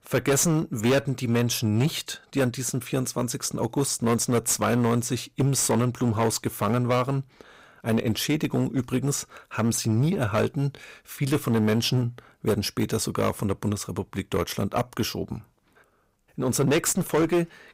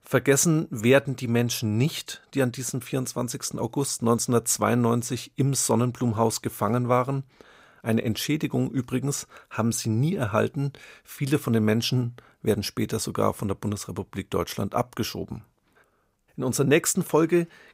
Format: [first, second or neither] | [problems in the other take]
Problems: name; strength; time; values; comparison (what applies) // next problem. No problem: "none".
second | distortion; slight; 10% of the sound clipped